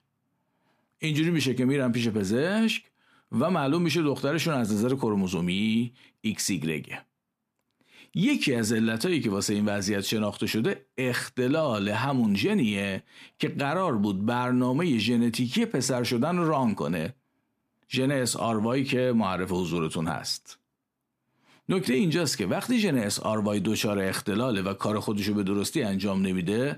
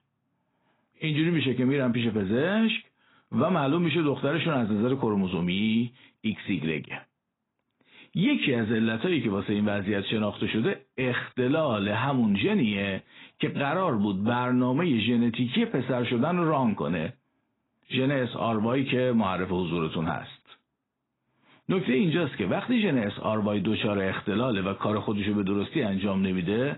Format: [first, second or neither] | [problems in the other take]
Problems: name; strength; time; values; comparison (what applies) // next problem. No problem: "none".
first | garbled, watery; badly; nothing above 4 kHz